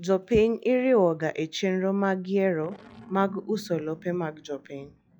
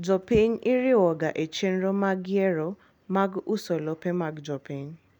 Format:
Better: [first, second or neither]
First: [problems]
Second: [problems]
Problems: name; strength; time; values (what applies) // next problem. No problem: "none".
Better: second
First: noise reduction (classical method log-MMSE)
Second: none